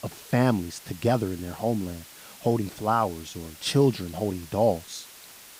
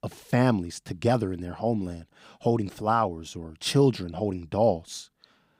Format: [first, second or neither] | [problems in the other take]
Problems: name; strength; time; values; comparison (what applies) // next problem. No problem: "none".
second | hiss; noticeable; throughout; 20 dB below the speech